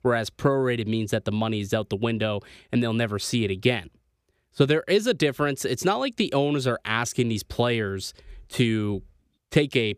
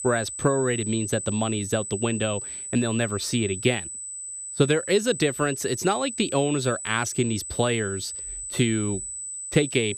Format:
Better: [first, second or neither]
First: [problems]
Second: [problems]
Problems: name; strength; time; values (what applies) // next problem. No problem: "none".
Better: first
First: none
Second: high-pitched whine; loud; throughout; 8 kHz, 7 dB below the speech